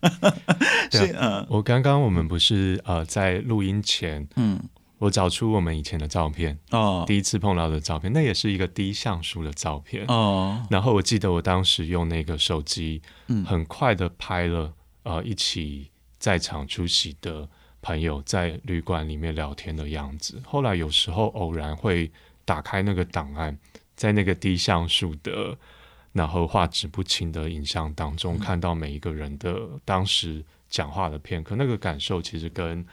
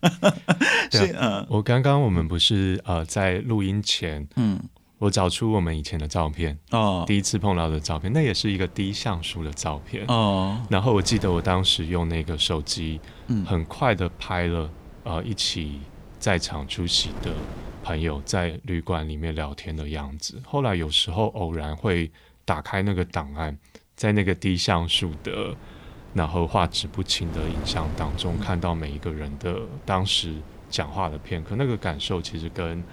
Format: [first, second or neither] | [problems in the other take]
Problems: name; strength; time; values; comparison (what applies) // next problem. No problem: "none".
first | wind noise on the microphone; occasional gusts; from 7 to 18 s and from 25 s on; 20 dB below the speech